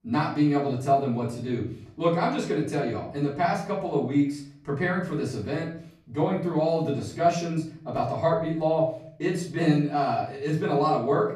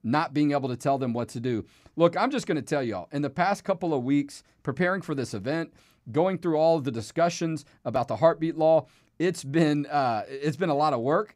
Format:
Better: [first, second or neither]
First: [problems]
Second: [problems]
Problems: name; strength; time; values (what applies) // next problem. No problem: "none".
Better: second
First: off-mic speech; far // room echo; slight; dies away in 0.5 s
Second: none